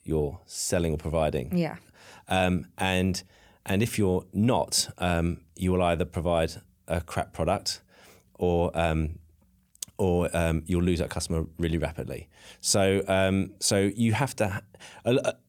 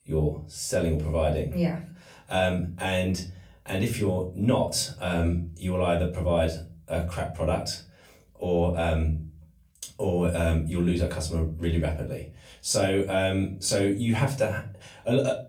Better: first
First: none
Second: off-mic speech; far // room echo; very slight; dies away in 0.3 s

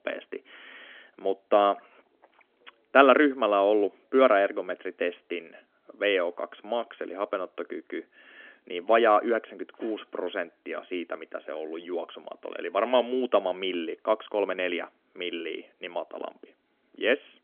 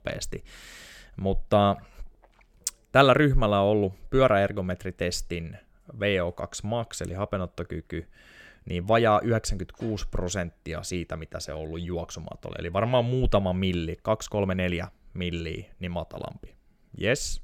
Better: second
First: phone-call audio; nothing above 3.5 kHz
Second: none

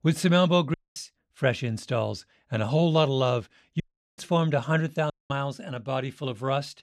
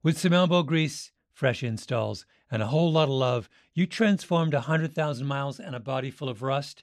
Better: second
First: audio cutting out; at 0.5 s, at 4 s and at 5 s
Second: none

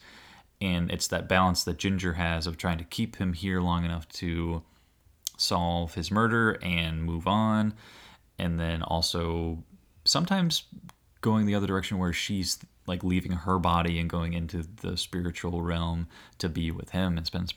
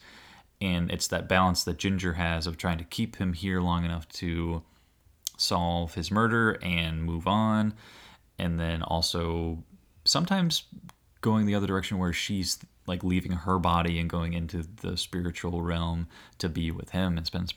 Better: neither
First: none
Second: none

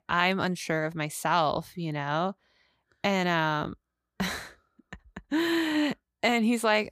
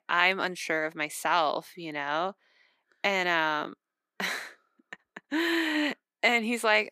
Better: first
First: none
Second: thin; very slightly; fading below 250 Hz

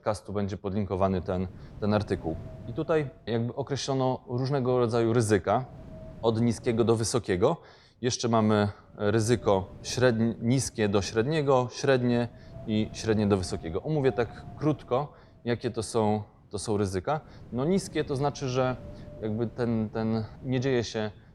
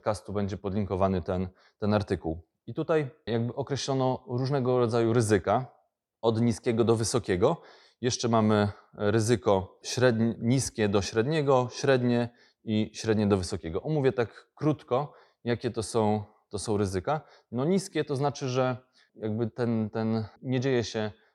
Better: second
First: wind noise on the microphone; occasional gusts; 25 dB below the speech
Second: none

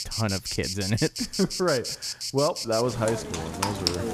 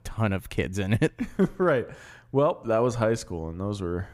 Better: second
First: animal sounds; loud; throughout; 3 dB below the speech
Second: none

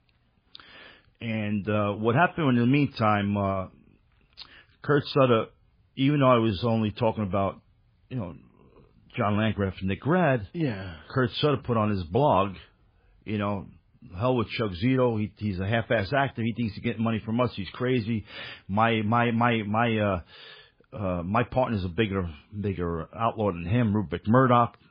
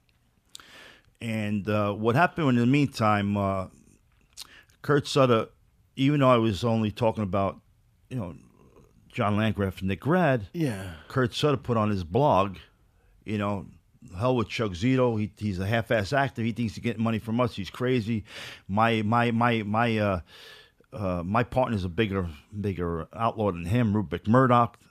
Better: second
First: garbled, watery; badly; nothing above 5 kHz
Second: none

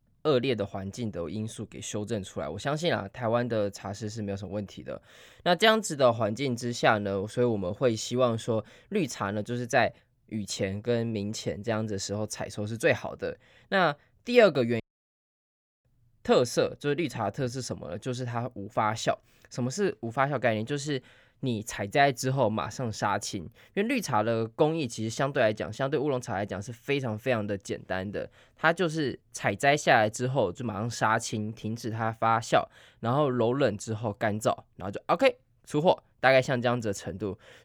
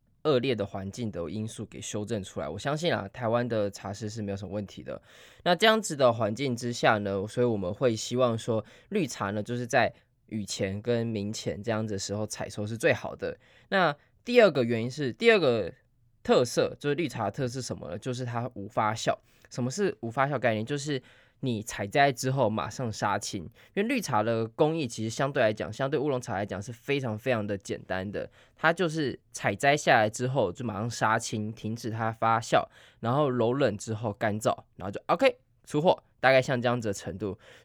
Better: second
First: audio cutting out; at 15 s for 1 s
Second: none

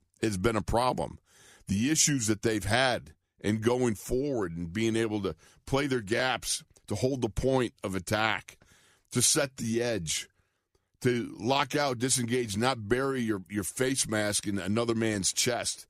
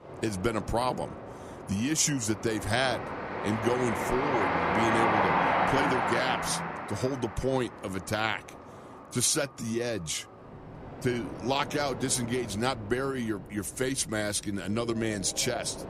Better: first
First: none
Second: train or aircraft noise; loud; throughout; 1 dB below the speech

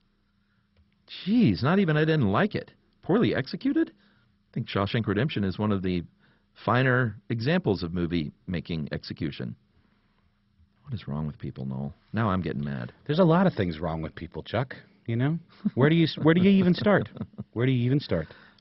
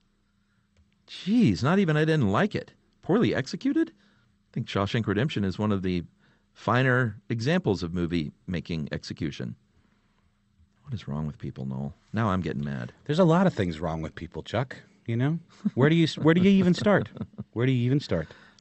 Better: second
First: garbled, watery; badly; nothing above 5.5 kHz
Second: garbled, watery; slightly; nothing above 8 kHz

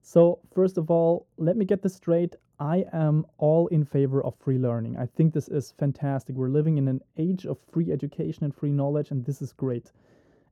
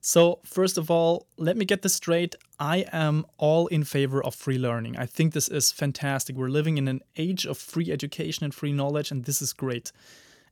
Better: second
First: muffled; very; fading above 1.5 kHz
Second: none

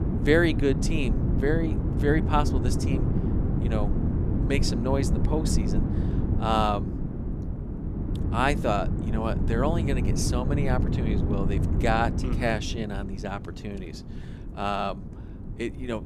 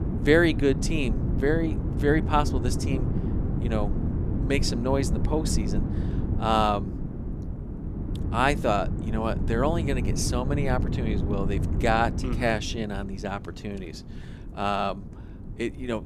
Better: second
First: wind noise on the microphone; heavy; 7 dB below the speech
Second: wind noise on the microphone; occasional gusts; 10 dB below the speech

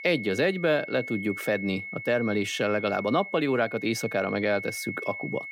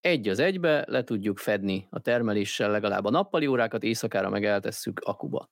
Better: second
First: high-pitched whine; loud; throughout; 2 kHz, 9 dB below the speech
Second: none

